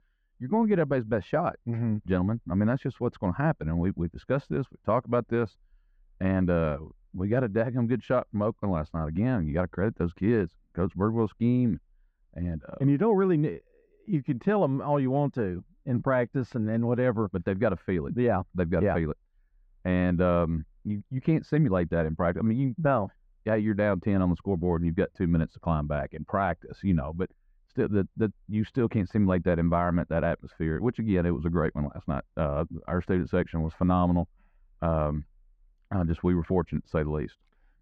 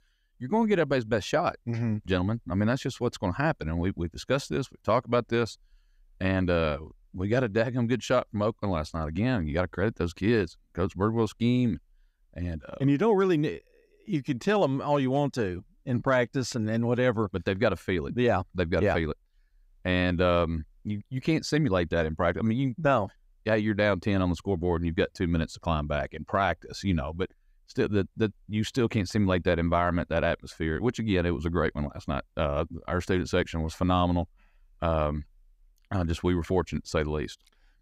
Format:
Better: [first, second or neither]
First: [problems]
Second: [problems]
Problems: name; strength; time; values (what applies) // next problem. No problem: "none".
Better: second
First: muffled; very; fading above 4 kHz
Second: none